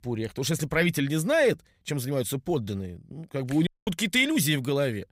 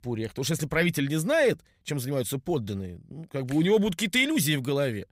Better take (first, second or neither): second